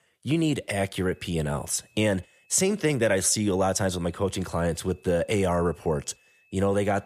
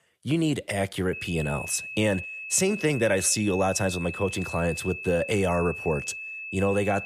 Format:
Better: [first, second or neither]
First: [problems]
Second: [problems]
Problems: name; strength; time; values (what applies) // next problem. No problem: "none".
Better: first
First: high-pitched whine; faint; from 1 s on; 2.5 kHz, 35 dB below the speech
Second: high-pitched whine; loud; from 1 s on; 2.5 kHz, 9 dB below the speech